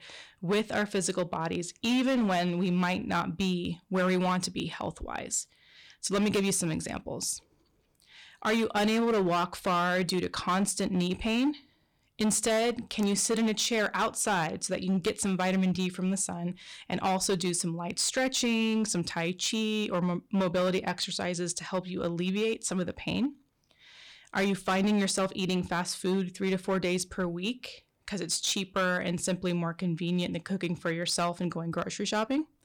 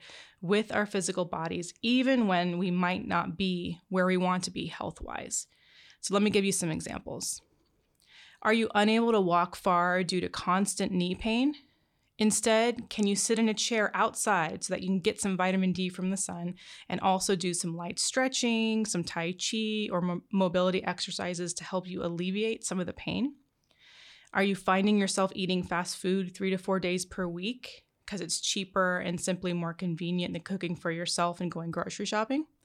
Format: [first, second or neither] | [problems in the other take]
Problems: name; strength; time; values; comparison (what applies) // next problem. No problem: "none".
second | distortion; slight; 9% of the sound clipped